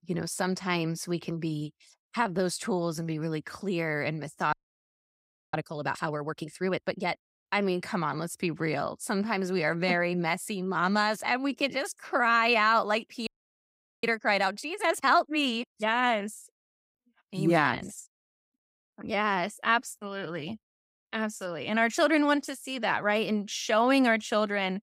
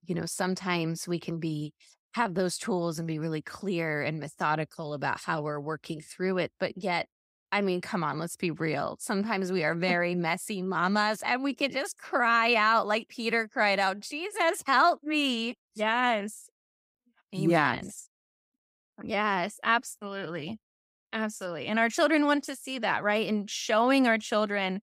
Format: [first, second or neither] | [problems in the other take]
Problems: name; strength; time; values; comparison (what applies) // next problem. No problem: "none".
second | audio freezing; at 4.5 s for 1 s and at 13 s for 1 s